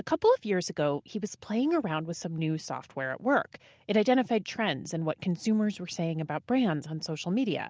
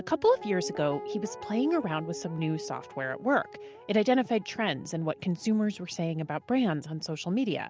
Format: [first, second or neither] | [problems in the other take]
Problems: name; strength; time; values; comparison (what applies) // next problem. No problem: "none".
first | background sound (Guitar); 14 dB below the speech